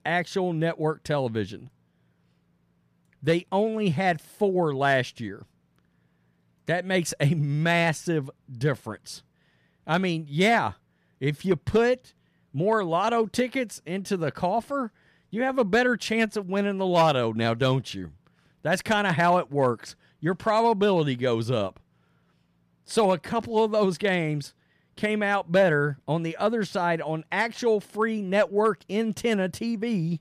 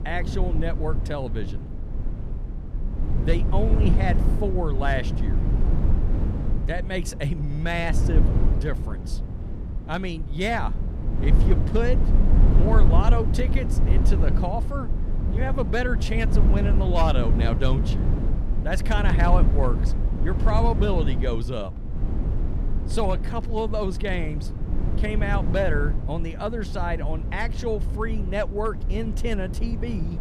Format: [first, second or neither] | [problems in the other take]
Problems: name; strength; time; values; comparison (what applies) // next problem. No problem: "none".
first | wind noise on the microphone; heavy; 8 dB below the speech